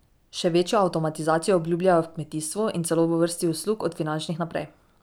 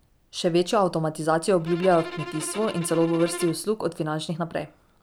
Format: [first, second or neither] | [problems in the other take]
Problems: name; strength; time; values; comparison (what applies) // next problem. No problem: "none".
first | background sound (Bowed string instrument); 13 dB below the speech